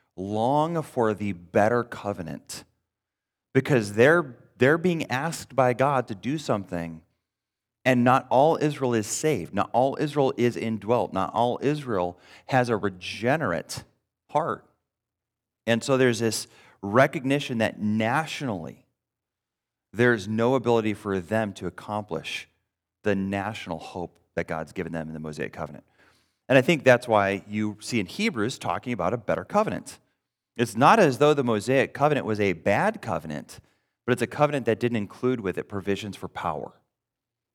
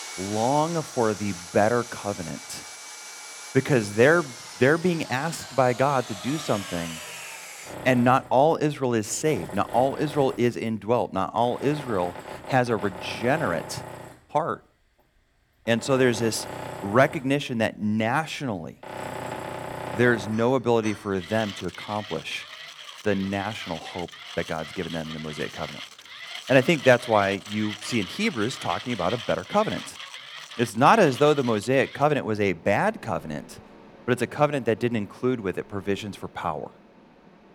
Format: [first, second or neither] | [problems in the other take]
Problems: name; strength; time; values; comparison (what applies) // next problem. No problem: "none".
first | machinery noise; noticeable; throughout; 15 dB below the speech